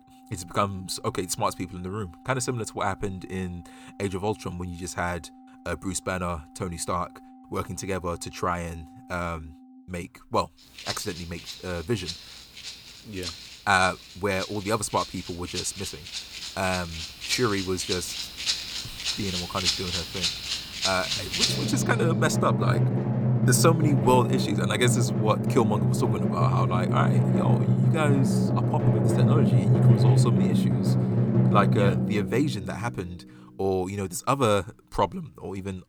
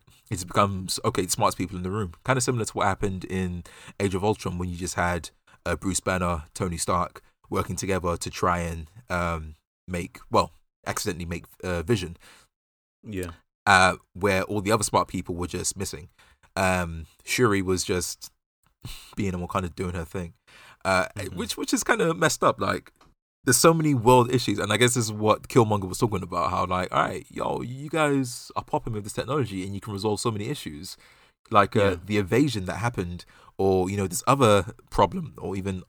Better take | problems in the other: second | background music; very loud; throughout; 4 dB above the speech

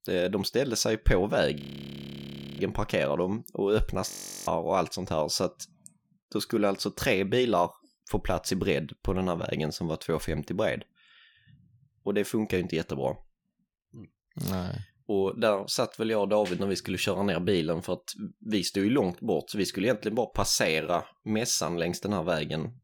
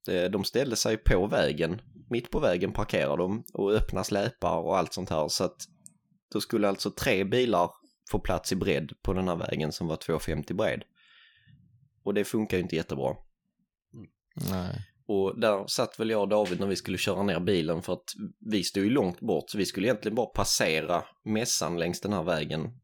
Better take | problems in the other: second | audio freezing; at 1.5 s for 1 s and at 4 s

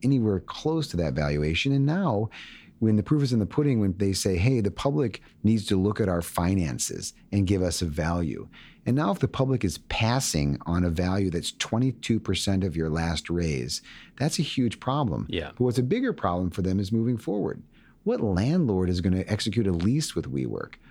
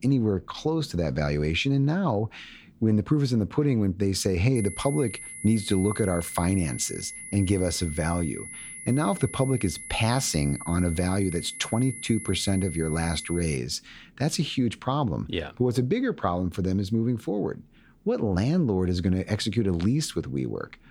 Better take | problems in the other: first | high-pitched whine; noticeable; from 4.5 to 14 s; 10.5 kHz, 10 dB below the speech

